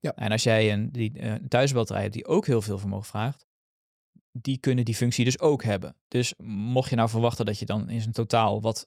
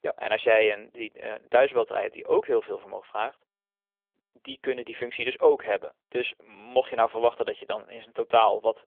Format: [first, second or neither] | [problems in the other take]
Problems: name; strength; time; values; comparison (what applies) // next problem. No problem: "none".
first | phone-call audio; nothing above 3.5 kHz